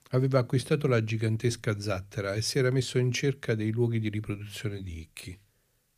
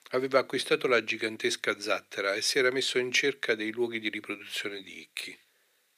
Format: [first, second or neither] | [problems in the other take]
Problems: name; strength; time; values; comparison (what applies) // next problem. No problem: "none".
first | thin; very; fading below 350 Hz